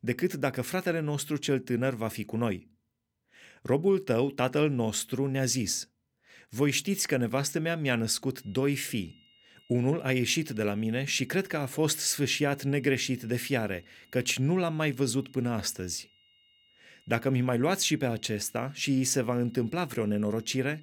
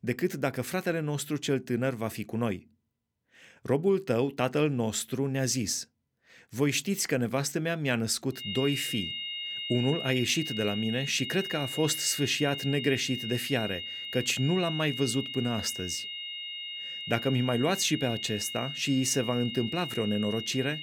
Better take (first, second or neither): first